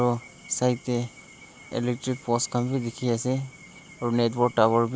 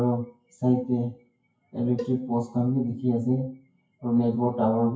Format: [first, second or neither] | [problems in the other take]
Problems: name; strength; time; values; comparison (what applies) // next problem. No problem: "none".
first | noise reduction (classical method WPE with log-MMSE)